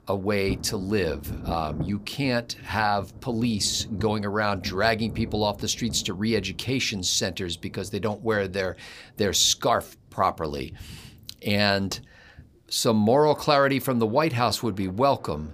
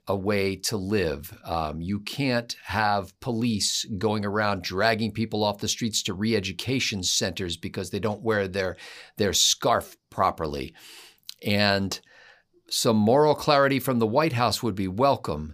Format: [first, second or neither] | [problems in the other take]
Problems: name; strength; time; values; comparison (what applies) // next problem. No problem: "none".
second | rain or running water; noticeable; throughout; 15 dB below the speech